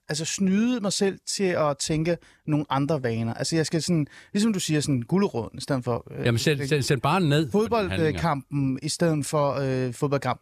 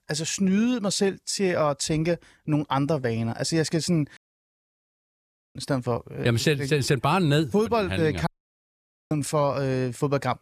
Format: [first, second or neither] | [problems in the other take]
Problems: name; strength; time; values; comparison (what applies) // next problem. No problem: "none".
first | audio cutting out; at 4 s for 1.5 s and at 8.5 s for 1 s